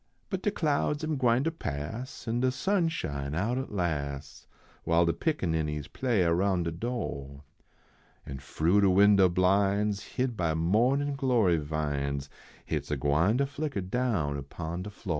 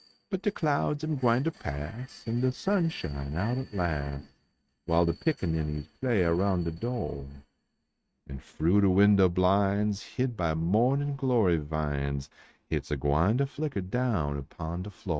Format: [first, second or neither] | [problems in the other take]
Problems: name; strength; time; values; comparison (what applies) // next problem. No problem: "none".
first | noise reduction (neural mask model RNNoise)